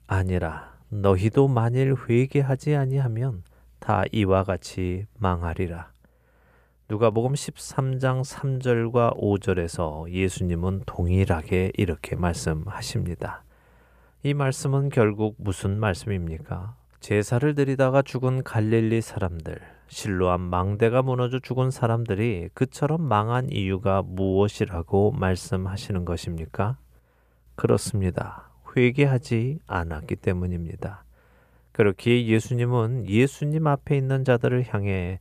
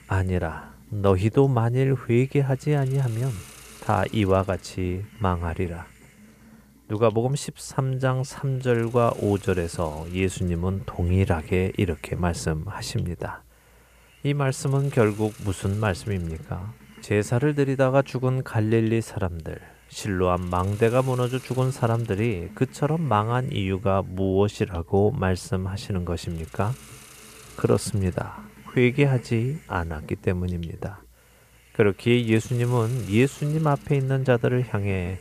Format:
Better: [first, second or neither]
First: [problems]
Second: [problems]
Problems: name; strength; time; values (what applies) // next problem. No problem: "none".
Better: first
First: none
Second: hiss; faint; throughout; 20 dB below the speech